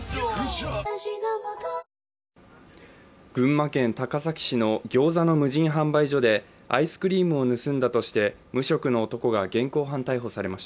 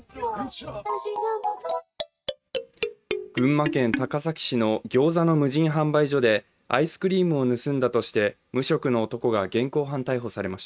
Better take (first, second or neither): first